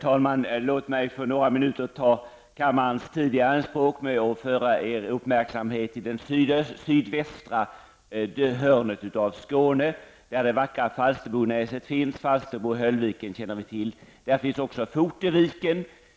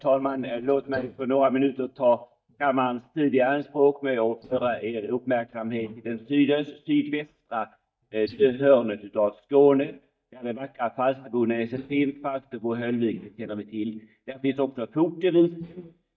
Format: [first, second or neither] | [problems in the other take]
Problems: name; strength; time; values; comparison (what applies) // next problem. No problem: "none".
first | noise reduction (neural mask model DeepFilterNet 3)